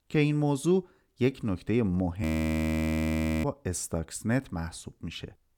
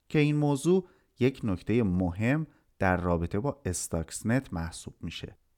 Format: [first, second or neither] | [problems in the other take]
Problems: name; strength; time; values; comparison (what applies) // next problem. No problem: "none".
second | audio freezing; at 2 s for 1 s